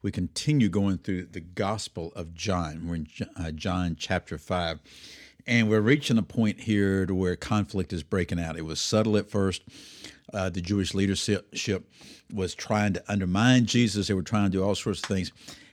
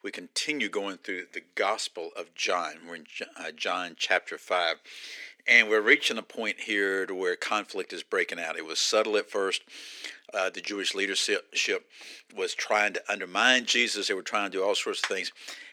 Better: first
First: none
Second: thin; very; fading below 400 Hz

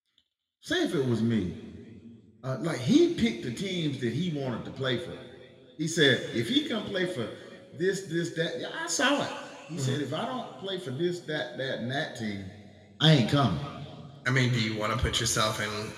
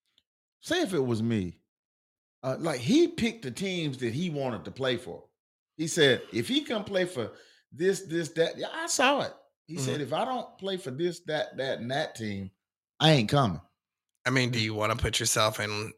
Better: second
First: room echo; slight; dies away in 2 s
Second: none

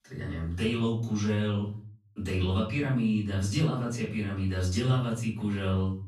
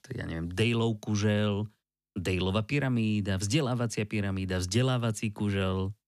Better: second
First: off-mic speech; far // room echo; noticeable; dies away in 0.4 s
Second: none

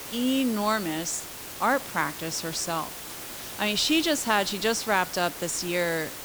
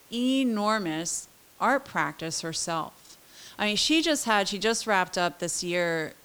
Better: second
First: hiss; loud; throughout; 9 dB below the speech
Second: hiss; faint; throughout; 25 dB below the speech

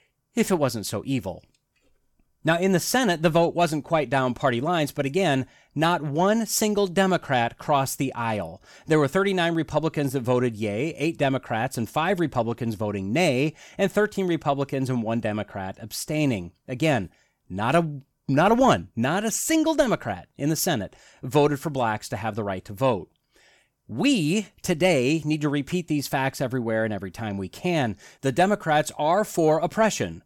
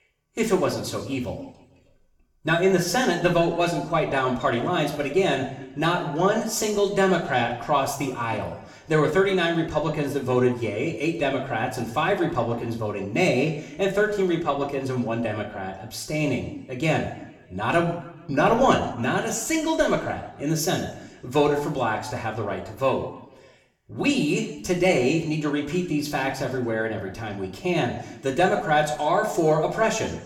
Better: first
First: none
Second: room echo; slight; dies away in 0.8 s // off-mic speech; somewhat distant

